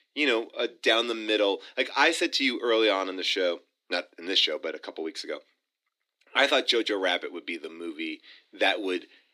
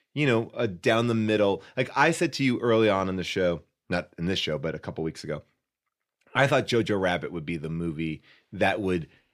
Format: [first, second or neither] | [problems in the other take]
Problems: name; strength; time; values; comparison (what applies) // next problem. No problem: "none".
second | thin; somewhat; fading below 250 Hz